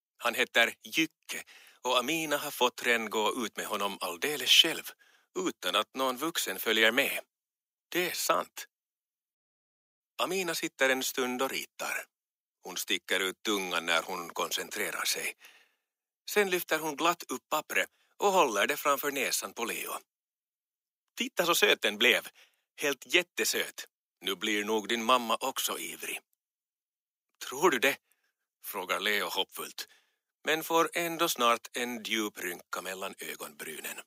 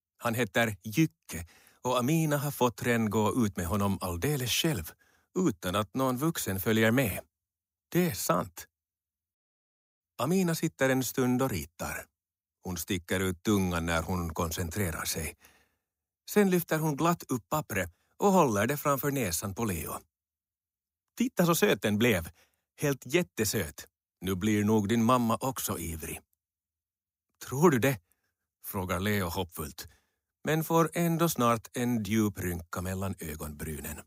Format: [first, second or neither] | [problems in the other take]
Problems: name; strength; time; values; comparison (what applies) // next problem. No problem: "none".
second | thin; somewhat; fading below 350 Hz